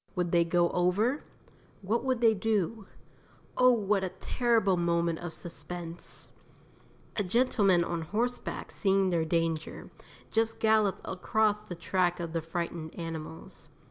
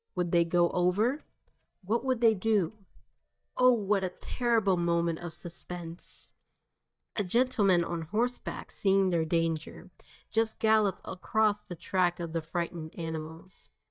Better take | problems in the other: first | noise reduction (neural mask model DeepFilterNet 3)

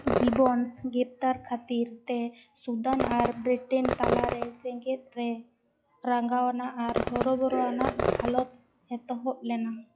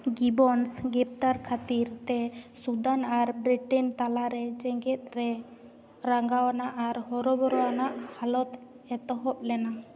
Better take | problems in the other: second | noise reduction (classical method log-MMSE)

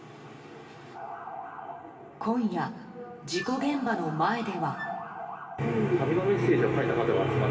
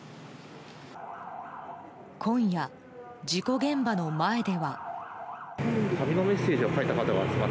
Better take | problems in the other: second | background sound (Wind instrument, woodwind instrument); 18 dB below the speech // room echo; dies away in 1.6 s

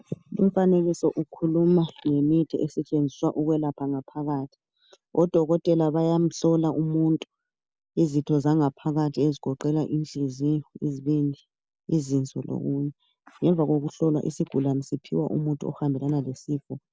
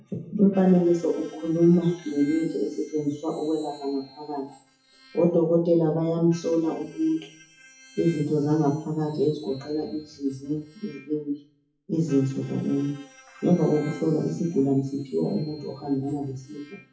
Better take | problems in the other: first | noise reduction (classical method WPE with log-MMSE)

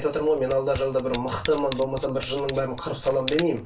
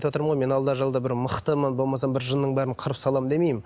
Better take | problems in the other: second | background sound (Camera); 13 dB below the speech // room echo; dies away in 0.3 s

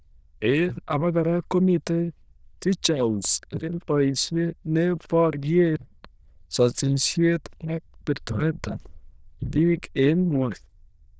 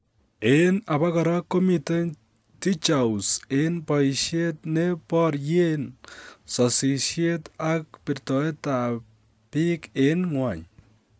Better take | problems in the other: second | noise reduction (neural diffusion model UNIVERSE++)

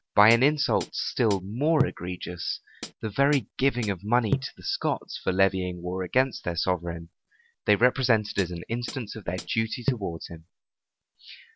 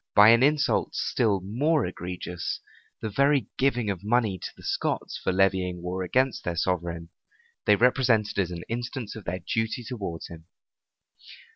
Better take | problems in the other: second | background sound (Hi-hat); 9 dB below the speech

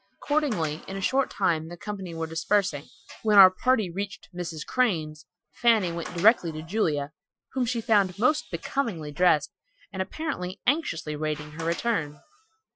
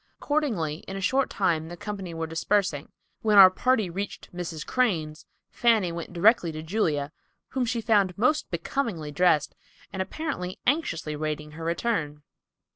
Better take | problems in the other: second | noise reduction (classical method Wiener filter)

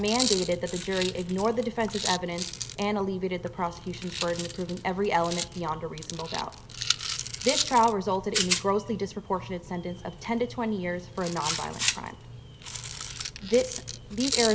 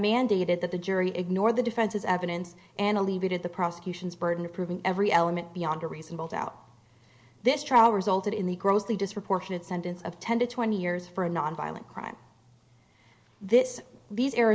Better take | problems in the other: second | background sound (Rattle); 5 dB below the speech

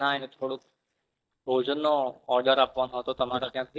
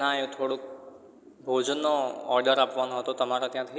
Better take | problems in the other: second | noise reduction (neural mask model DeepFilterNet 3)

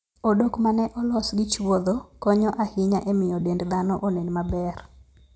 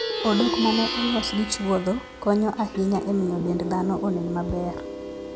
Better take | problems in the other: first | background sound (Plucked string instrument); 6 dB below the speech

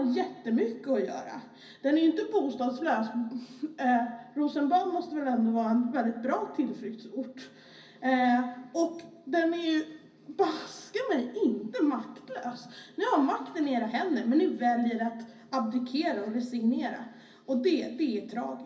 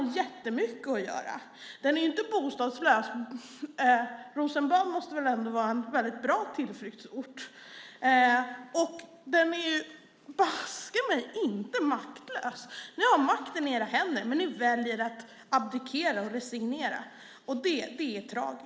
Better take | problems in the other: second | room echo; dies away in 0.4 s

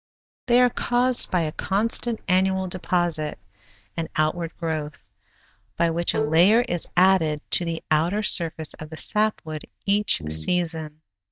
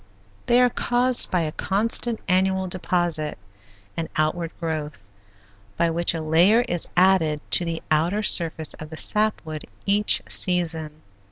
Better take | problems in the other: second | noise reduction (neural mask model DeepFilterNet 3)

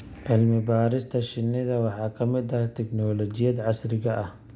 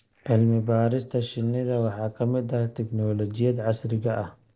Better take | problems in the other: first | noise reduction (neural separator model SepFormer DNS4)

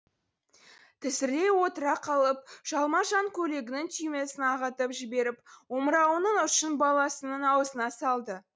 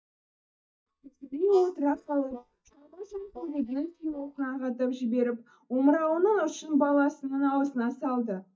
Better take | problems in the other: first | noise reduction (neural mask model DeepFilterNet 3)

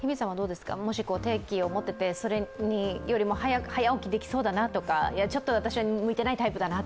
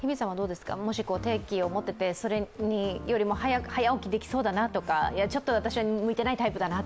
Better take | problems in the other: second | background sound (Wind instrument, woodwind instrument); 20 dB below the speech

